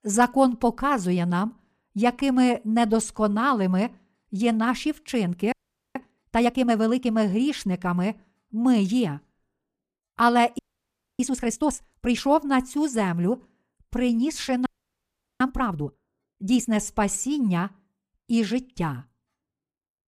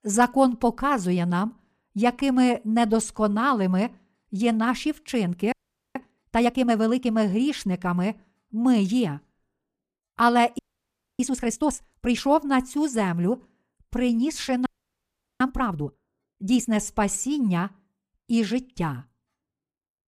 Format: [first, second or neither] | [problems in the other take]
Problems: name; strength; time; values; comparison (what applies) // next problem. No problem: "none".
neither | audio freezing; at 5.5 s, at 11 s for 0.5 s and at 15 s for 0.5 s; the same in both